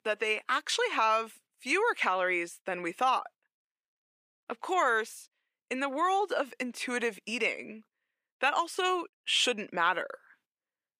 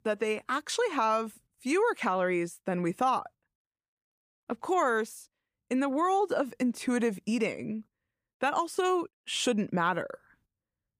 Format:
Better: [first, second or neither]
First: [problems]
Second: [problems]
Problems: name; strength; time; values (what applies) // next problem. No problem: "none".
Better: second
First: thin; somewhat; fading below 400 Hz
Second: none